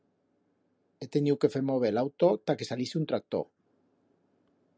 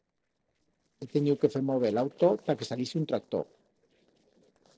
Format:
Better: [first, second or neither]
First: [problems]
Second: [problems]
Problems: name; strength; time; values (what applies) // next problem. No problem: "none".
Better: first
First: none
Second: noise reduction (neural separator model SepFormer DNS4)